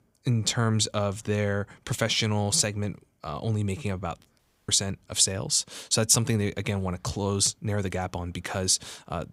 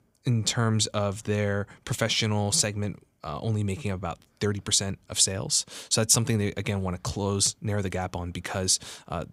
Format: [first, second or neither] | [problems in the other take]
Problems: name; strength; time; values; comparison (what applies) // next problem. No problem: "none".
second | audio cutting out; at 4.5 s